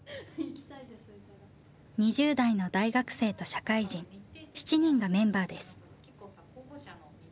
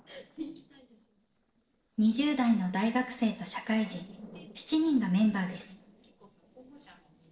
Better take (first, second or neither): first